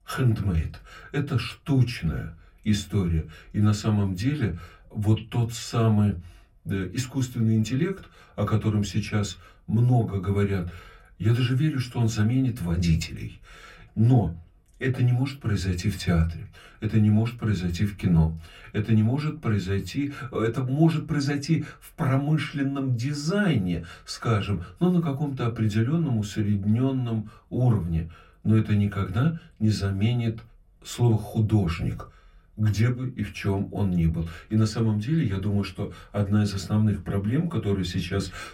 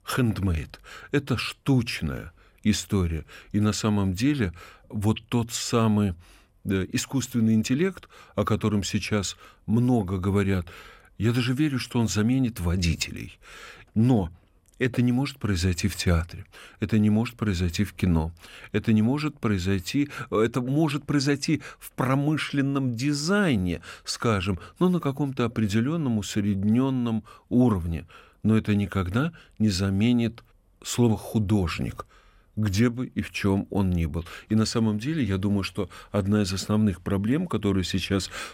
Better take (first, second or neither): second